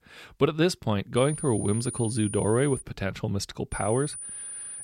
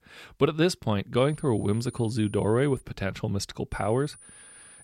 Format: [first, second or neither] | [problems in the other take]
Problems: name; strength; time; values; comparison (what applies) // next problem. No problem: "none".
second | high-pitched whine; loud; from 1 to 3 s and from 3.5 s on; 9.5 kHz, 9 dB below the speech; faint in the second